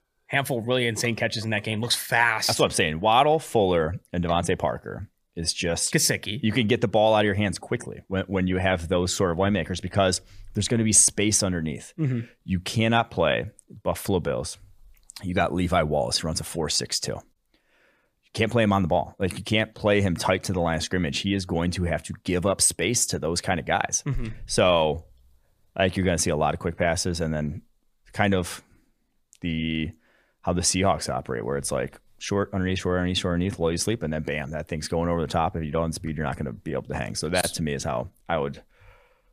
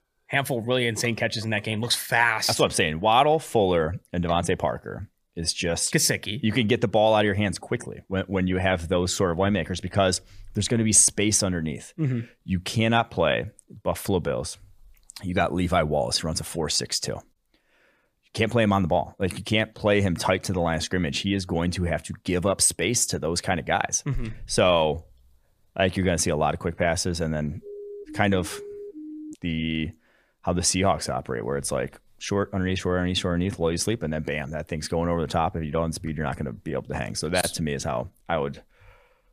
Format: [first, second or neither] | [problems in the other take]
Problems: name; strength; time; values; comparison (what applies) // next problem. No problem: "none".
first | siren; faint; from 28 to 29 s; peak 15 dB below the speech